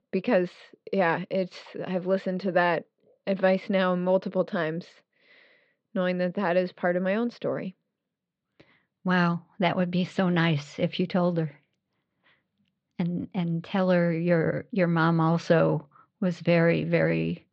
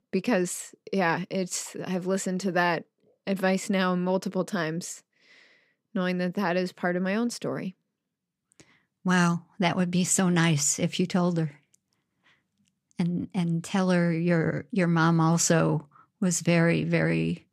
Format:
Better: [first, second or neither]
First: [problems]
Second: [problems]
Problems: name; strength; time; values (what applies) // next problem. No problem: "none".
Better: second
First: muffled; very; fading above 4 kHz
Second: none